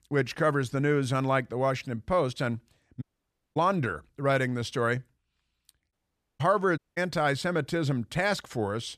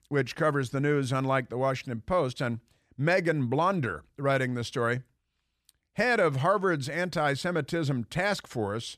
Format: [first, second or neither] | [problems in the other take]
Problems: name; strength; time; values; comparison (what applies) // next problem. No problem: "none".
second | audio cutting out; at 3 s for 0.5 s, at 6 s and at 7 s